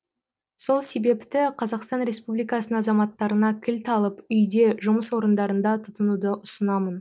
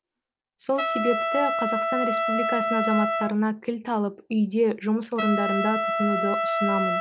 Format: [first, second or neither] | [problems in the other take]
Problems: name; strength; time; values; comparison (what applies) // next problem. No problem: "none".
first | background sound (Trumpet); 1 dB below the speech